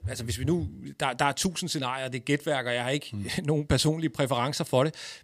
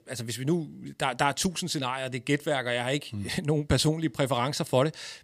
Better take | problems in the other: second | phone ringing; noticeable; at the start; peak 8 dB below the speech

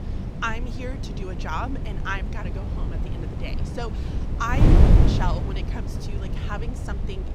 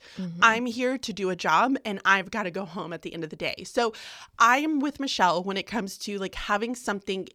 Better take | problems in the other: second | wind noise on the microphone; heavy; 3 dB below the speech

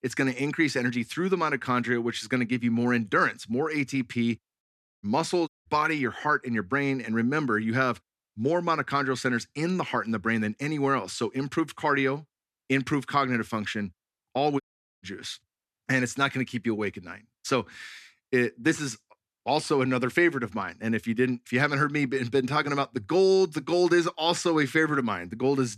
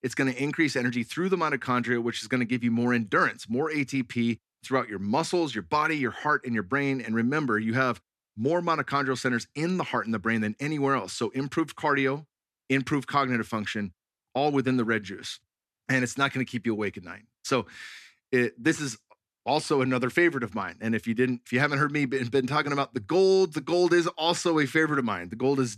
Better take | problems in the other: second | audio cutting out; at 4.5 s, at 5.5 s and at 15 s

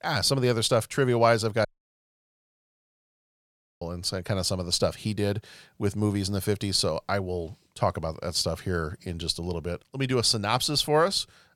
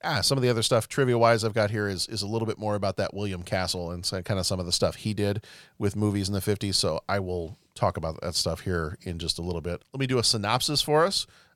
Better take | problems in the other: second | audio cutting out; at 1.5 s for 2 s

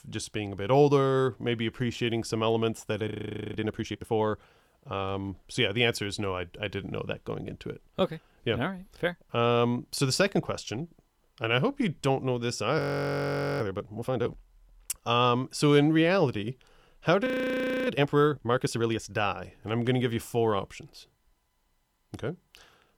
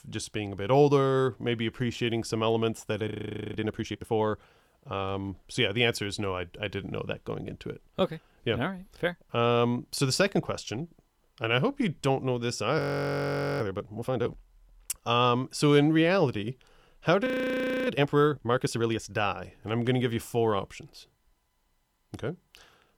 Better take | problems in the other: neither | audio freezing; at 3 s, at 13 s for 1 s and at 17 s for 0.5 s; the same in both

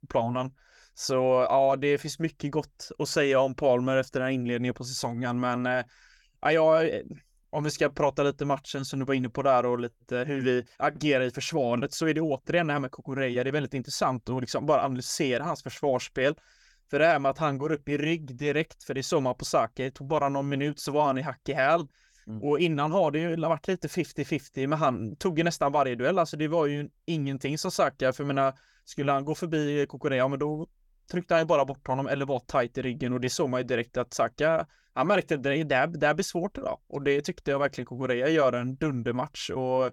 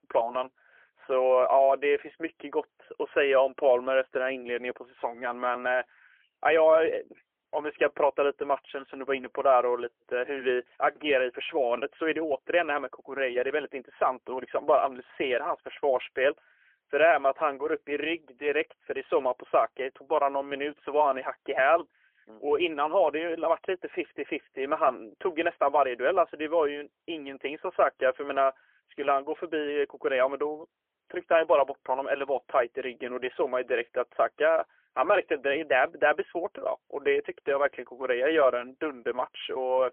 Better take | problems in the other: first | phone-call audio; poor line; nothing above 3 kHz

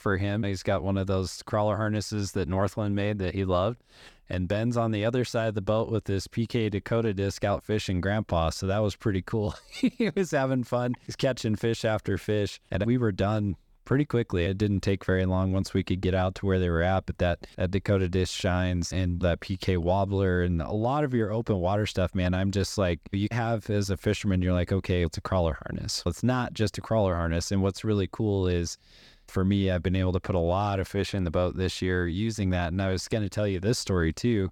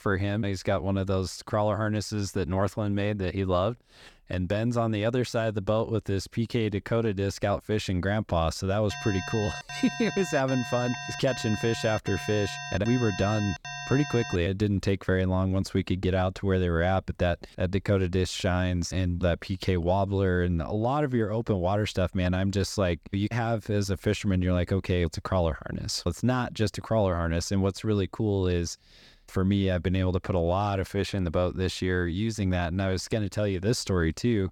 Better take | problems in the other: first | alarm; noticeable; from 9 to 14 s; peak 7 dB below the speech

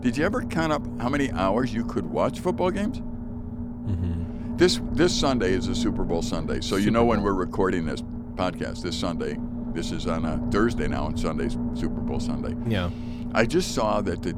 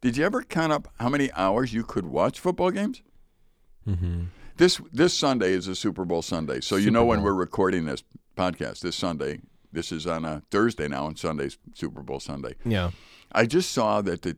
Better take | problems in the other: second | low rumble; noticeable; throughout; 10 dB below the speech

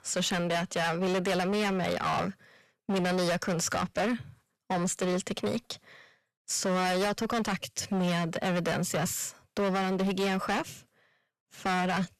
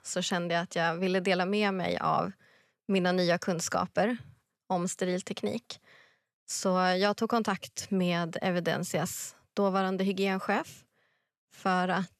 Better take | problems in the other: second | distortion; heavy; 19% of the sound clipped

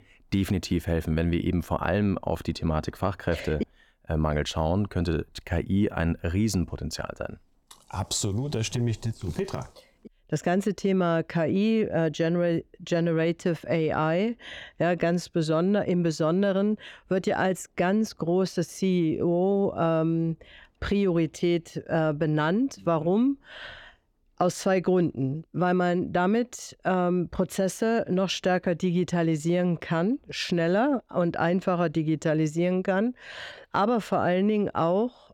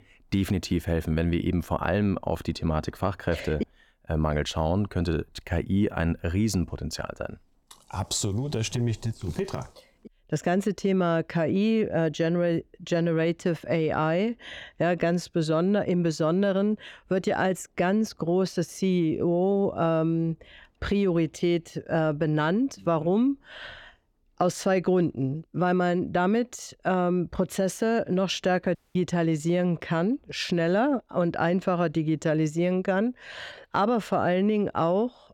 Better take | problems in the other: first | audio cutting out; at 29 s

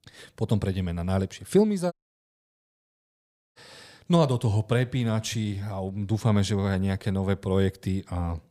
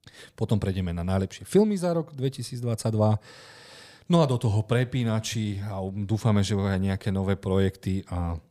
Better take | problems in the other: second | audio cutting out; at 2 s for 1.5 s

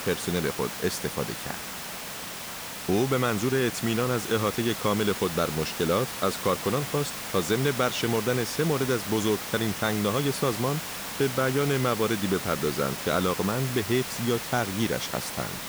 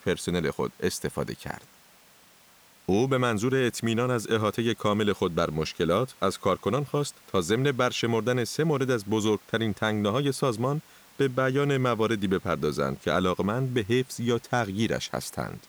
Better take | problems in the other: second | hiss; loud; throughout; 6 dB below the speech; faint in the second

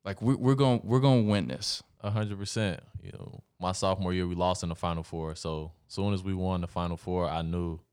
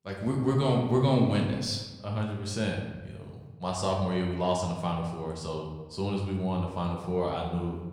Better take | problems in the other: first | room echo; noticeable; dies away in 0.9 s // off-mic speech; somewhat distant

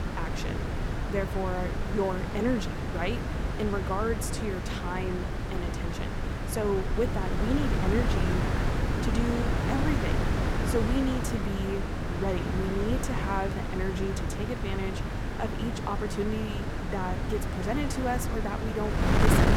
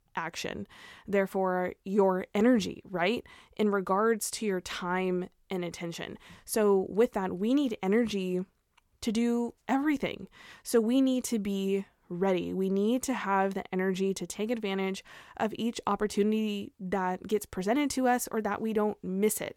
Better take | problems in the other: second | wind noise on the microphone; heavy; 1 dB below the speech

